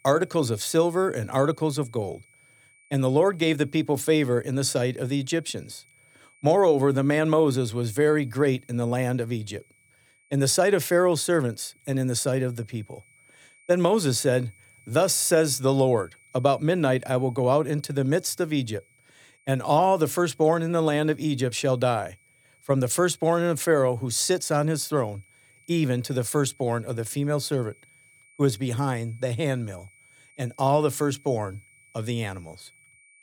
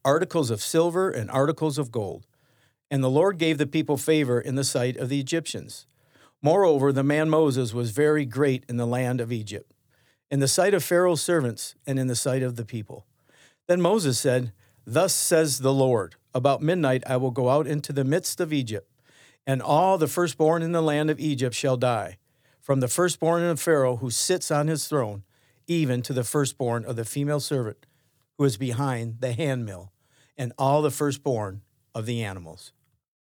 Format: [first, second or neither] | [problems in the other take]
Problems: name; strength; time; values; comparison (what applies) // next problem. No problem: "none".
second | high-pitched whine; faint; throughout; 2.5 kHz, 30 dB below the speech